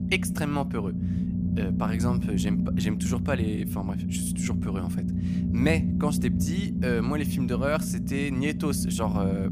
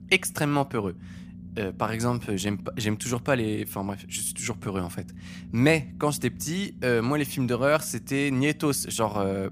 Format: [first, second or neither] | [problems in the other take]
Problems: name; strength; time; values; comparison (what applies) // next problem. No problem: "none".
second | low rumble; loud; throughout; 4 dB below the speech; faint in the second